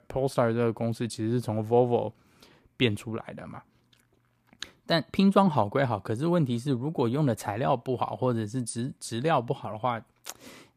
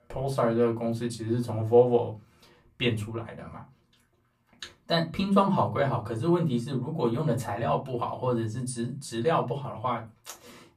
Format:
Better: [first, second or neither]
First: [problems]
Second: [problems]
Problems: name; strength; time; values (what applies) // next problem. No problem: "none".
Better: first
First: none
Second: off-mic speech; far // room echo; very slight; dies away in 0.2 s